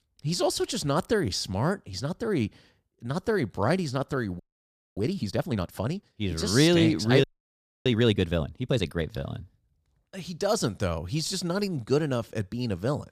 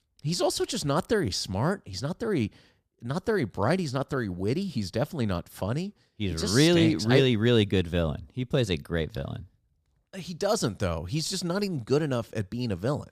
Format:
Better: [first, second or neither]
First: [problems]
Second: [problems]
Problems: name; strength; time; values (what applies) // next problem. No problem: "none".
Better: second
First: audio freezing; at 4.5 s for 0.5 s and at 7 s for 0.5 s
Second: none